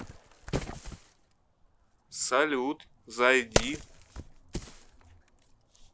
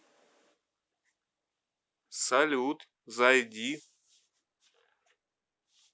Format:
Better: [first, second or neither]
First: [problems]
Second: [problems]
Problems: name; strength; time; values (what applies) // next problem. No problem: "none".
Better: second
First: background sound (Wood); 5 dB below the speech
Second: none